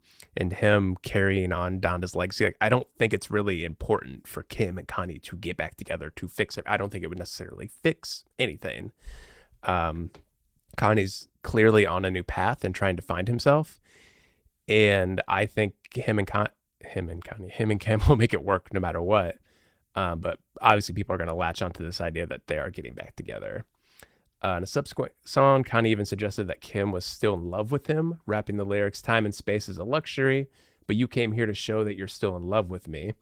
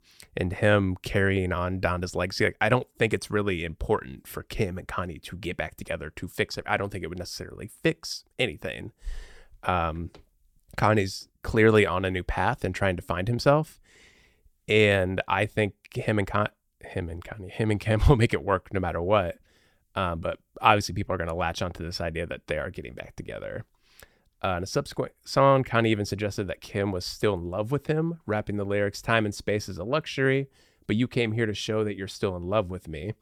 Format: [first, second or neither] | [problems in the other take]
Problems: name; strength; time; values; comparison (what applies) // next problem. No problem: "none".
second | garbled, watery; slightly; nothing above 18.5 kHz